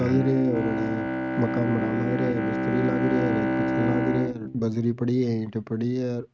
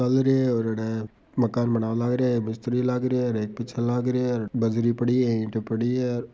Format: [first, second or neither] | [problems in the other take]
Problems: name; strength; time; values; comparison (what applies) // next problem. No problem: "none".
second | noise reduction (neural mask model RNNoise)